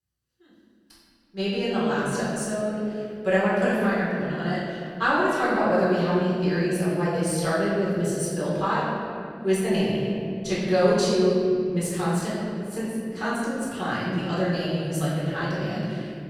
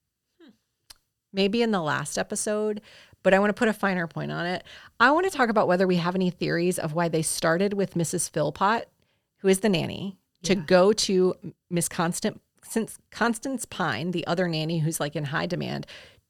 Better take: second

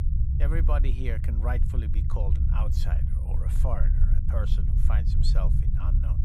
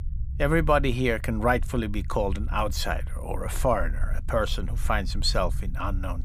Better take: second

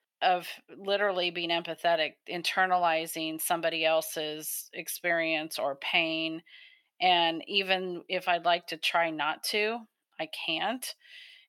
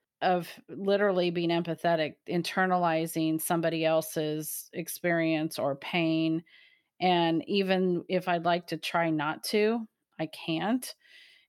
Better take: second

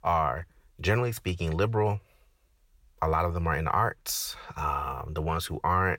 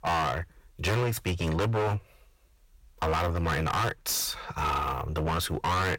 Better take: first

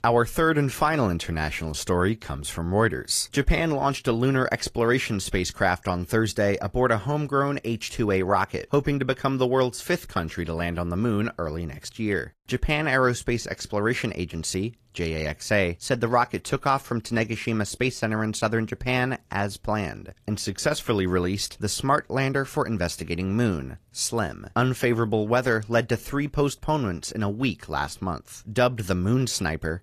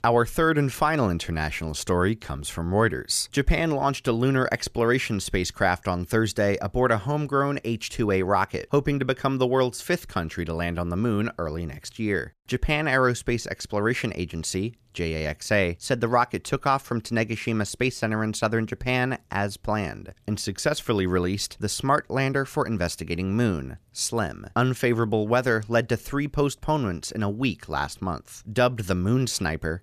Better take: second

